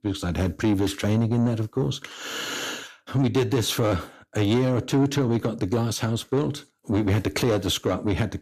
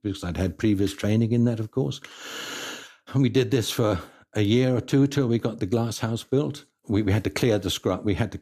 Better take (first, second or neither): second